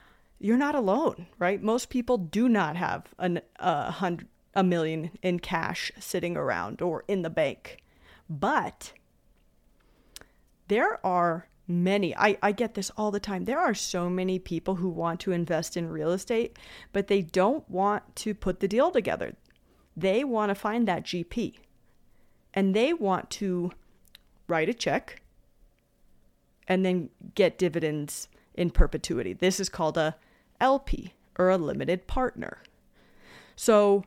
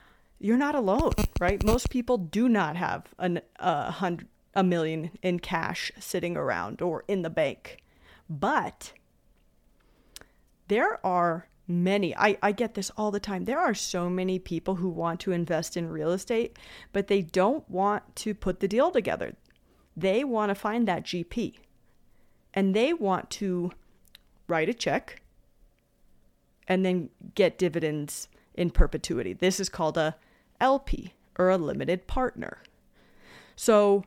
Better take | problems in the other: first | phone ringing; noticeable; at 1 s; peak 3 dB below the speech

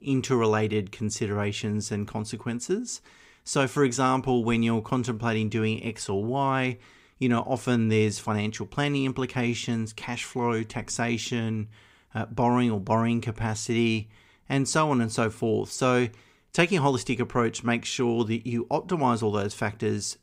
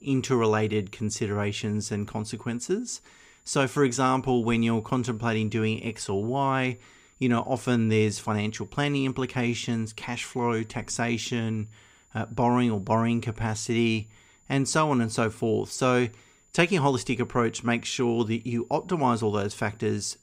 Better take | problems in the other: first | high-pitched whine; faint; throughout; 7 kHz, 35 dB below the speech

